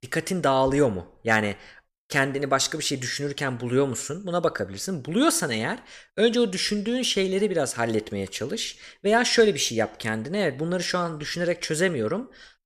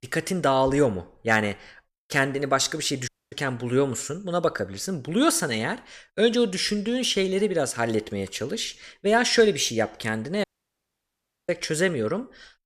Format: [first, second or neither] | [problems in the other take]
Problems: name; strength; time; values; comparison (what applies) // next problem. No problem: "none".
first | audio cutting out; at 3 s and at 10 s for 1 s